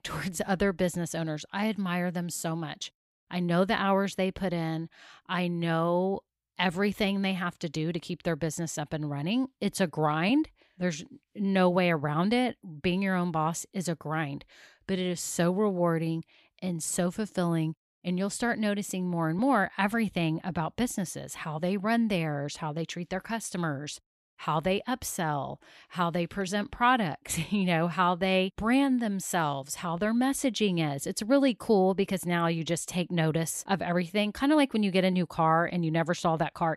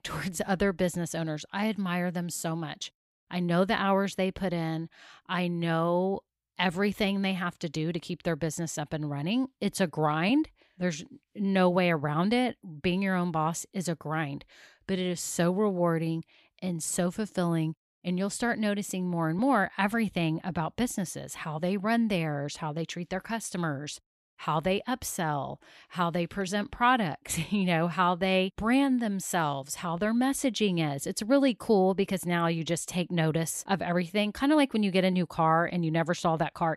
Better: neither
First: none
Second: none

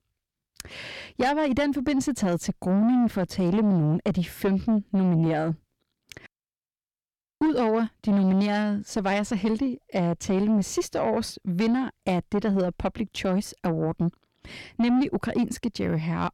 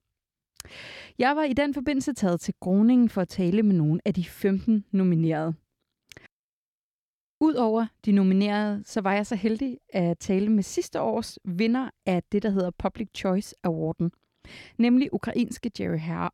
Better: second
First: distortion; slight; 9 dB below the speech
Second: none

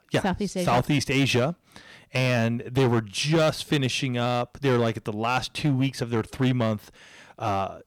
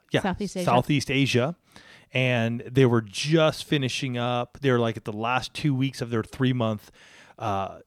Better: second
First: distortion; slight; 6% of the sound clipped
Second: none

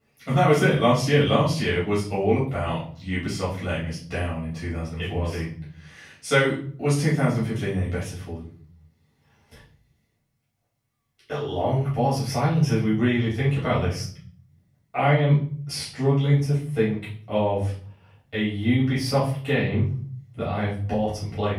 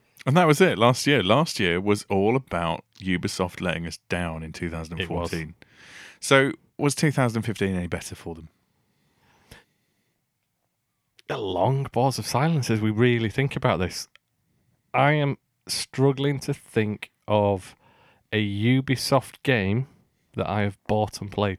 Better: second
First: off-mic speech; far // room echo; noticeable; dies away in 0.6 s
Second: none

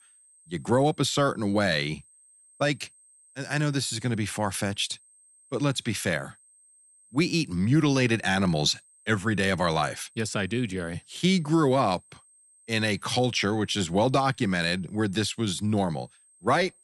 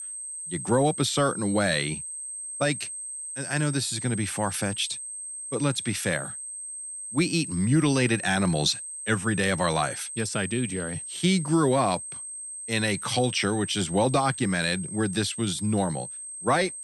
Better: first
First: high-pitched whine; faint; throughout; 8.5 kHz, 30 dB below the speech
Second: high-pitched whine; loud; throughout; 8.5 kHz, 8 dB below the speech

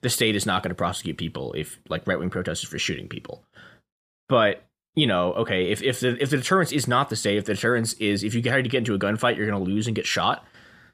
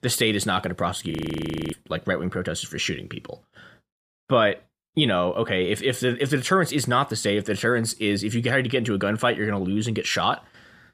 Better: first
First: none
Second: audio freezing; at 1 s for 0.5 s

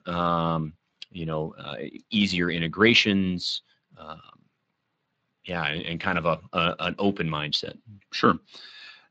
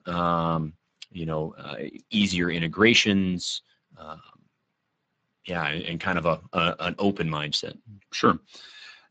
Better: first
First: garbled, watery; slightly; nothing above 7.5 kHz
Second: garbled, watery; badly; nothing above 7.5 kHz

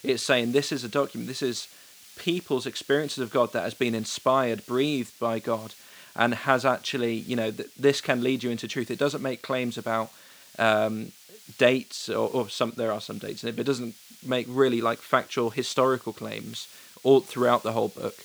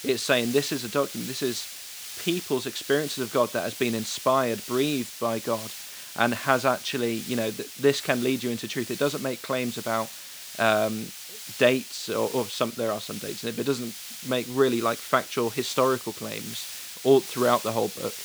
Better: first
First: hiss; faint; throughout; 20 dB below the speech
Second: hiss; loud; throughout; 10 dB below the speech

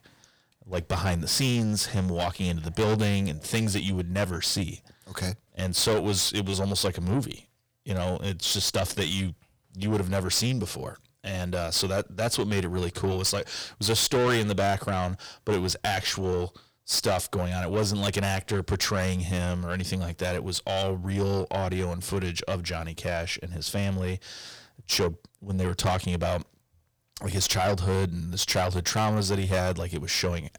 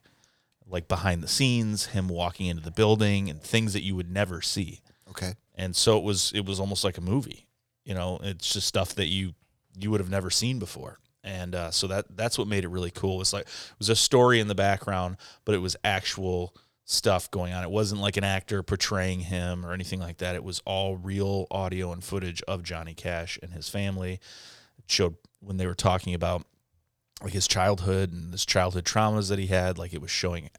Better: second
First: distortion; heavy; 7 dB below the speech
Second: none

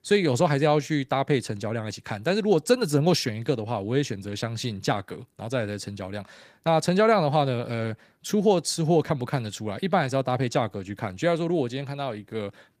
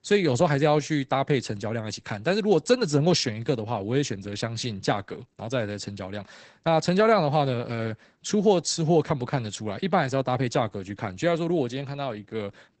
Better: first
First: garbled, watery; slightly; nothing above 15 kHz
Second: garbled, watery; badly; nothing above 8 kHz

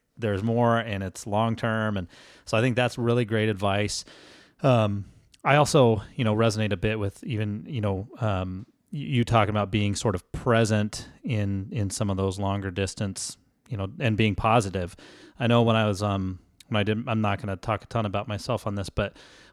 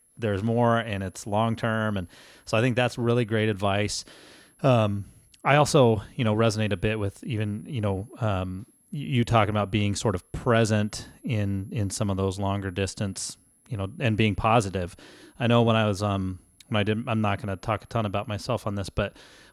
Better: first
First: none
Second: high-pitched whine; faint; throughout; 11 kHz, 35 dB below the speech

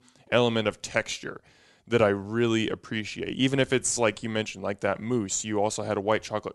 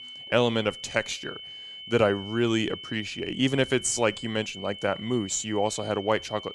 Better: first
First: none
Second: high-pitched whine; noticeable; throughout; 3 kHz, 10 dB below the speech

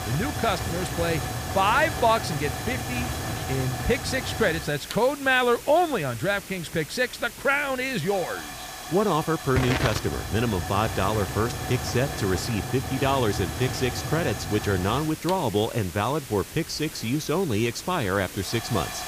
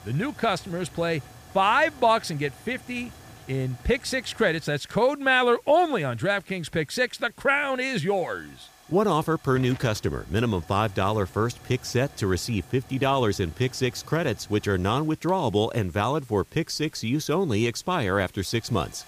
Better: second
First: hiss; loud; throughout; 7 dB below the speech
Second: hiss; faint; throughout; 25 dB below the speech

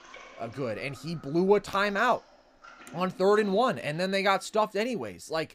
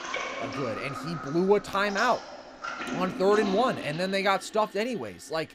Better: first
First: household noises; faint; throughout; 25 dB below the speech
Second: household noises; loud; throughout; 9 dB below the speech

